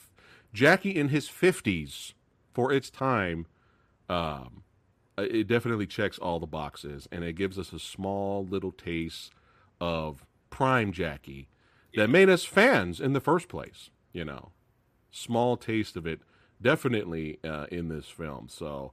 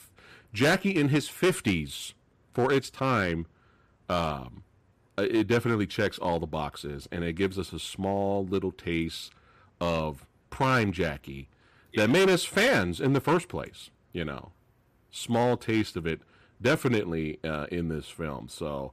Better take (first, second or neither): first